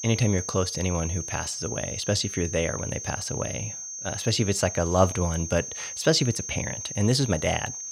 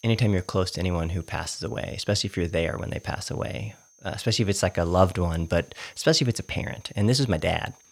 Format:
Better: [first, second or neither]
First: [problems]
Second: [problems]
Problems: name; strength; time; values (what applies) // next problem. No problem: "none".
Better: second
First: high-pitched whine; loud; throughout; 6.5 kHz, 6 dB below the speech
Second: high-pitched whine; faint; throughout; 6.5 kHz, 30 dB below the speech